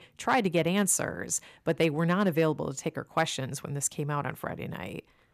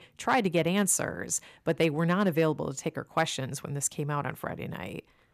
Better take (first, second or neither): neither